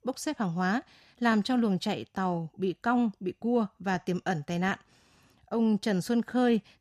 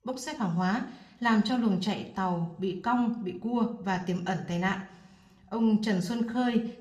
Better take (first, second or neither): first